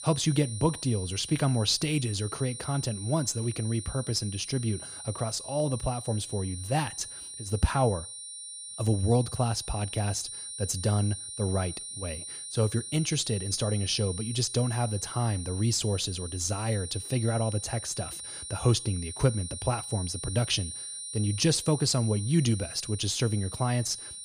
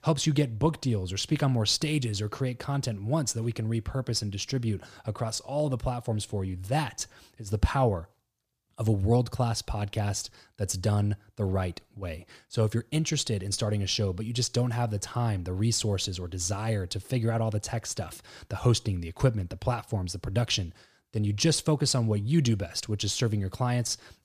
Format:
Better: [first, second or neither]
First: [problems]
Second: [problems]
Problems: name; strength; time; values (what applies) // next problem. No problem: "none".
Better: second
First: high-pitched whine; loud; throughout; 9.5 kHz, 8 dB below the speech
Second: none